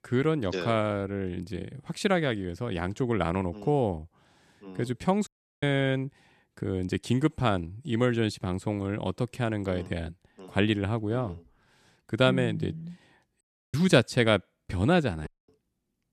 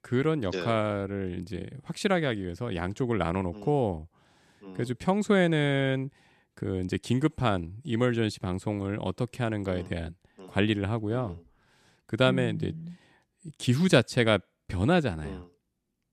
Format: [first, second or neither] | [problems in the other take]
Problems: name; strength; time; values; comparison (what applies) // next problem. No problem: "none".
second | audio cutting out; at 5.5 s, at 13 s and at 15 s